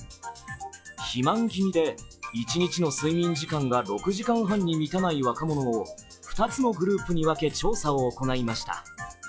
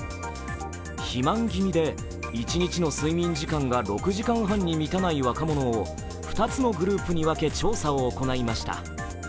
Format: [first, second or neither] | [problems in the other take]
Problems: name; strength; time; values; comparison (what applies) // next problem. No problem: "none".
second | noise reduction (classical method log-MMSE)